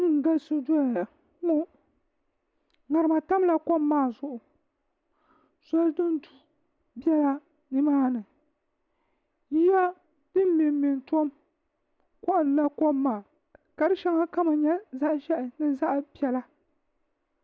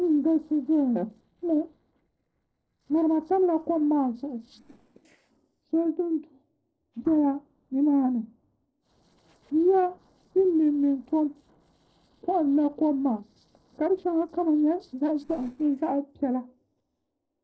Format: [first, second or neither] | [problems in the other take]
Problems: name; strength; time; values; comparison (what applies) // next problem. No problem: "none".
first | noise reduction (neural separator model SepFormer DNS4)